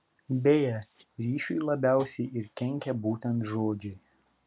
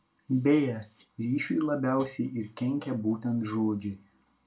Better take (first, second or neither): first